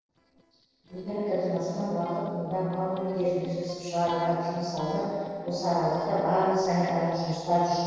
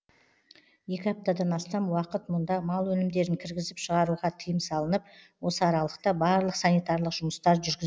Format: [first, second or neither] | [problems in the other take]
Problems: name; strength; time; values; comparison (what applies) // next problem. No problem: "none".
second | noise reduction (neural separator model SepFormer DNS4)